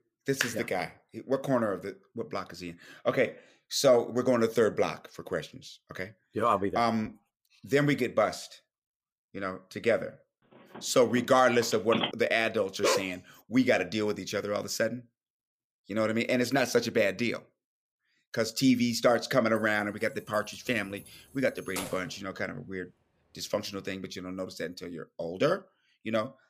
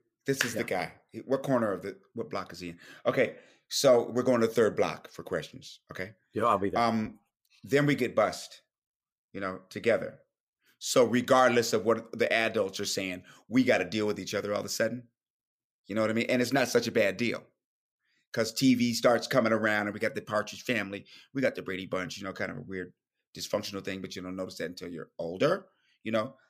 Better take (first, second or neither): second